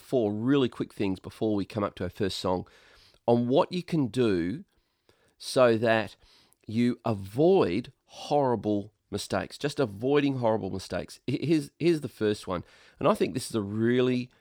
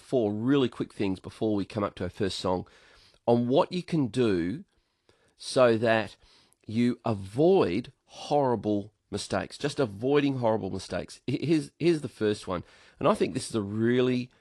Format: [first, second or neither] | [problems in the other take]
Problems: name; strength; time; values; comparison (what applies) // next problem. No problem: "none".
first | garbled, watery; slightly